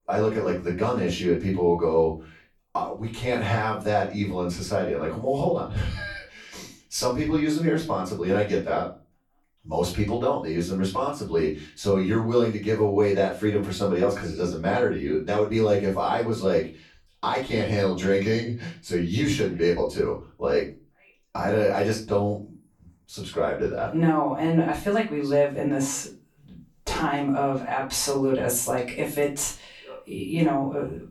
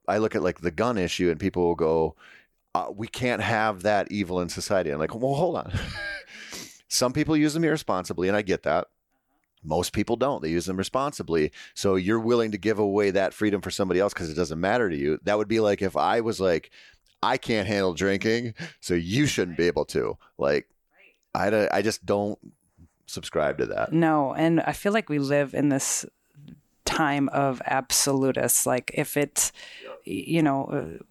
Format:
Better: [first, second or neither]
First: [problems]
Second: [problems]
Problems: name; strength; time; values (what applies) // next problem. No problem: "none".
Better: second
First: off-mic speech; far // room echo; slight; dies away in 0.3 s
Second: none